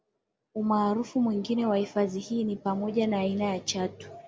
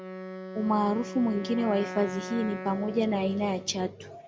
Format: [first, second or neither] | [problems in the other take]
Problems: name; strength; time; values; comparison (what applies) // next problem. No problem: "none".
first | background sound (Wind instrument, woodwind instrument); 10 dB below the speech